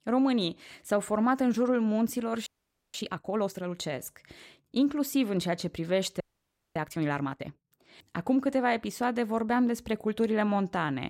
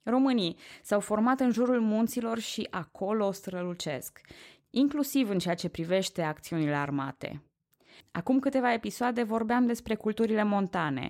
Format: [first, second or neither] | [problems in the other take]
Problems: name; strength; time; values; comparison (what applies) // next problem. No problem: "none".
second | audio freezing; at 2.5 s and at 6 s for 0.5 s